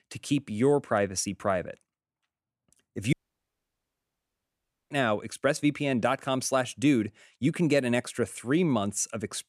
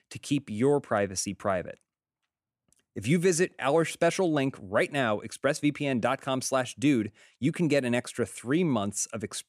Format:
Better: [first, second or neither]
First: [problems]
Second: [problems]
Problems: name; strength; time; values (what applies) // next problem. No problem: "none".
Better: second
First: audio cutting out; at 3 s for 2 s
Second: none